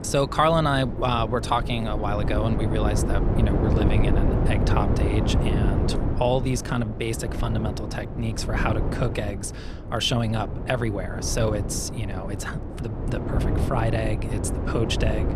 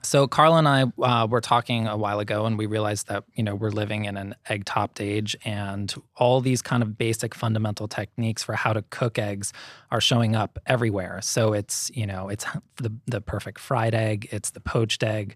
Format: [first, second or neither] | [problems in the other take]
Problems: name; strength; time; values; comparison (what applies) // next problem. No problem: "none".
second | wind noise on the microphone; heavy; 6 dB below the speech